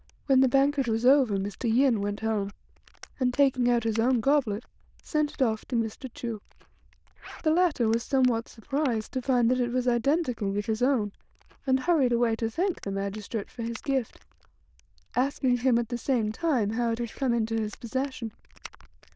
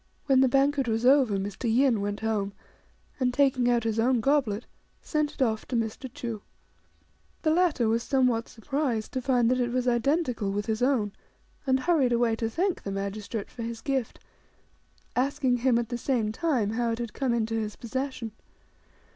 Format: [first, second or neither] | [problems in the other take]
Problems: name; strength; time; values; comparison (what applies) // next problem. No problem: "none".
second | noise reduction (neural diffusion model UNIVERSE++)